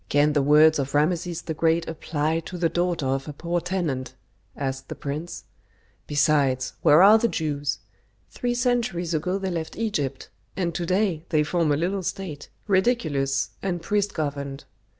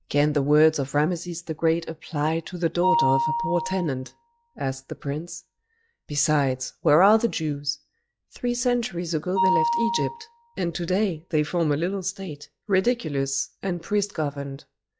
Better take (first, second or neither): first